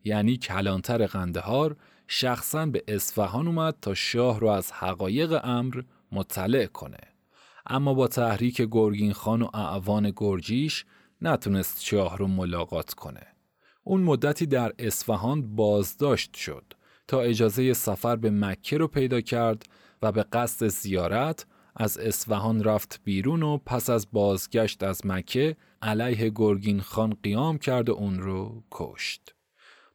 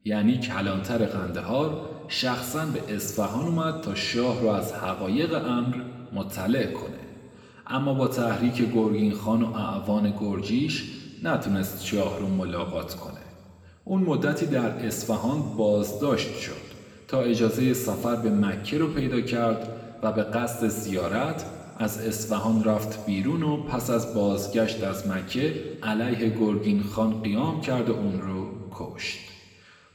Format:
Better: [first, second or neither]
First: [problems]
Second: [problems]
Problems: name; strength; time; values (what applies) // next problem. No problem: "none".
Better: first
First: none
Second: room echo; slight; dies away in 2.4 s // off-mic speech; somewhat distant